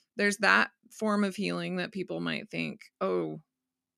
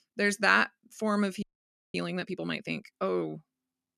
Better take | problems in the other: first | audio freezing; at 1.5 s for 0.5 s

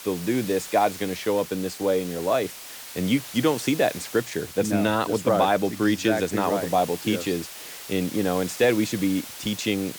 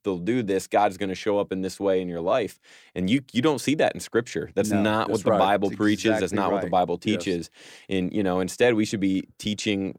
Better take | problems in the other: second | hiss; noticeable; throughout; 10 dB below the speech

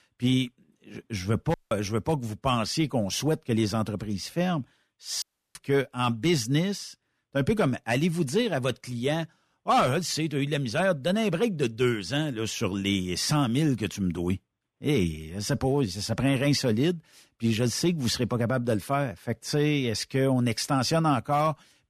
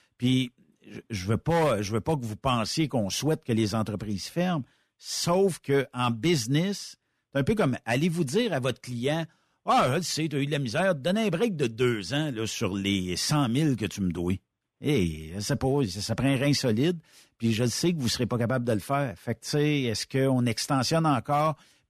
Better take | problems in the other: second | audio cutting out; at 1.5 s and at 5 s

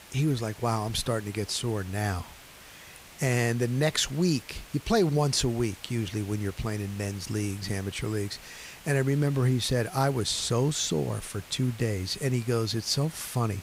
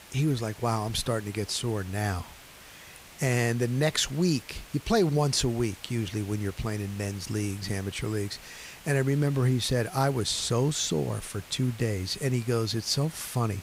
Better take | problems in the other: neither | hiss; noticeable; throughout; 20 dB below the speech; the same in both

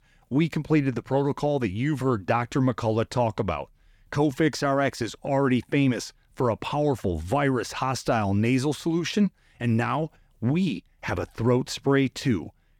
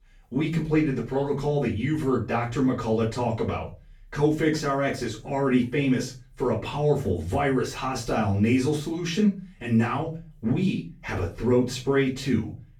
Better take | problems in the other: first | off-mic speech; far // room echo; slight; dies away in 0.3 s

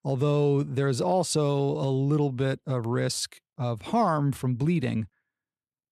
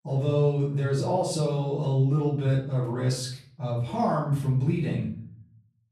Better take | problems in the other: first | off-mic speech; far // room echo; noticeable; dies away in 0.6 s

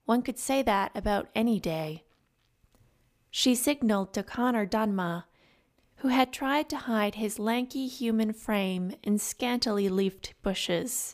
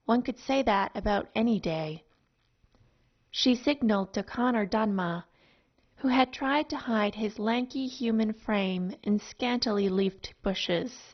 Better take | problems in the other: first | garbled, watery; badly; nothing above 6 kHz

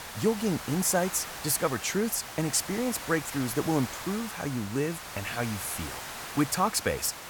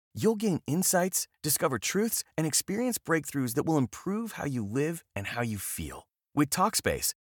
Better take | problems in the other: second | hiss; loud; throughout; 9 dB below the speech

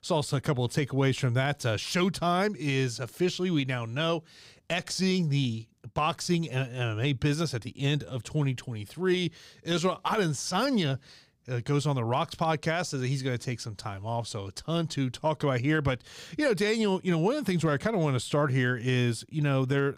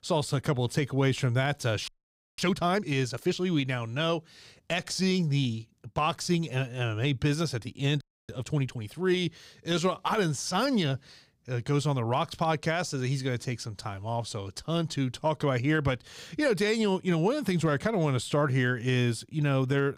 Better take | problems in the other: first | audio freezing; at 2 s for 0.5 s and at 8 s

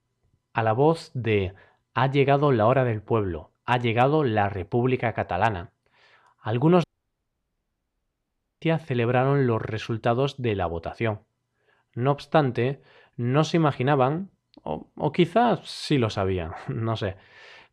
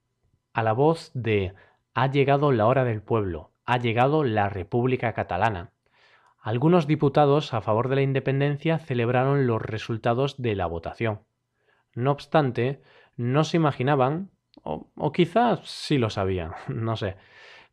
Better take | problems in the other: second | audio cutting out; at 7 s for 2 s

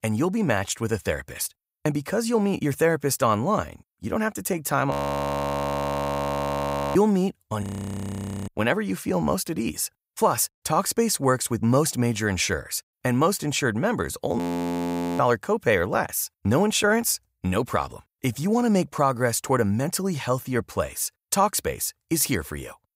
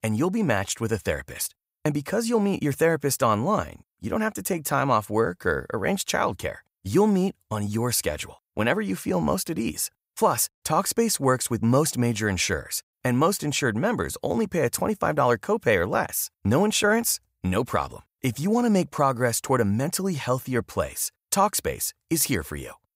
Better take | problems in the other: second | audio freezing; at 5 s for 2 s, at 7.5 s for 1 s and at 14 s for 1 s

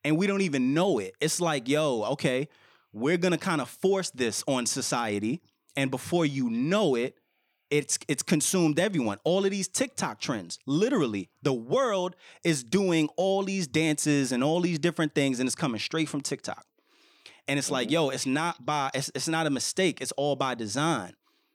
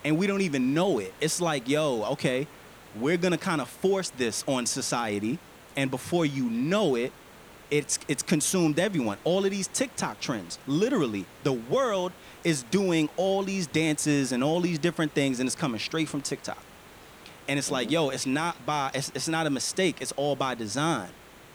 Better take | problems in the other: first | hiss; faint; throughout; 20 dB below the speech

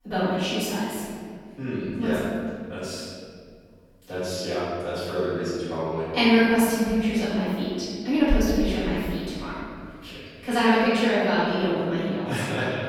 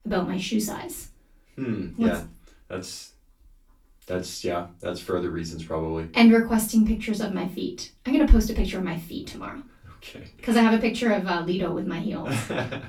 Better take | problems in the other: second | room echo; strong; dies away in 2.2 s; slight in the second // off-mic speech; far; far in the second

